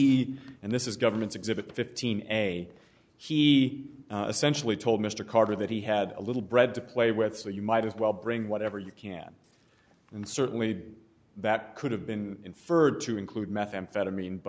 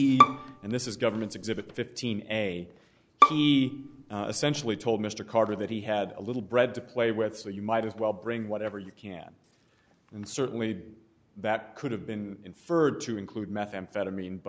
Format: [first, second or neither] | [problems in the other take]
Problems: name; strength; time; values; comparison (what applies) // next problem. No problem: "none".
first | background sound (Bowed string instrument); 2 dB above the speech